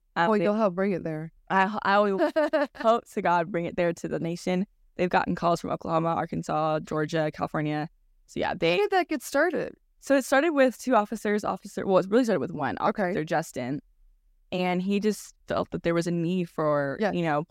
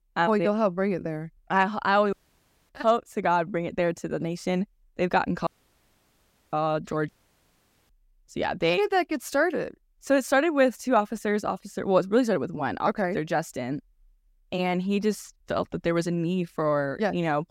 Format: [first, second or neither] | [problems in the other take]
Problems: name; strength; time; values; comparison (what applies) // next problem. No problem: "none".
first | audio cutting out; at 2 s for 0.5 s, at 5.5 s for 1 s and at 7 s for 1 s